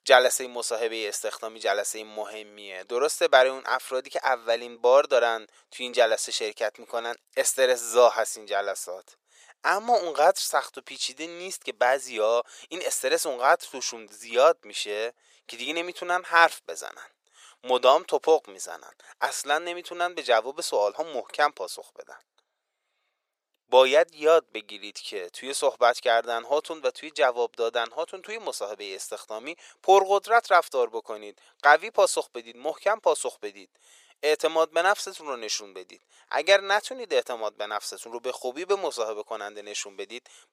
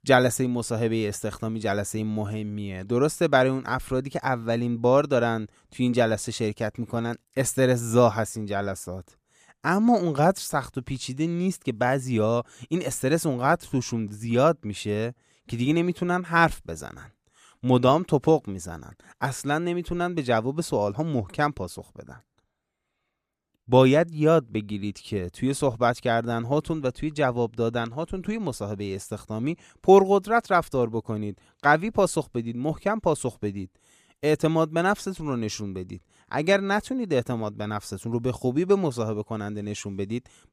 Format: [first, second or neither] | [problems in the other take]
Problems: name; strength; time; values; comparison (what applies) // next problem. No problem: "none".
second | thin; very; fading below 500 Hz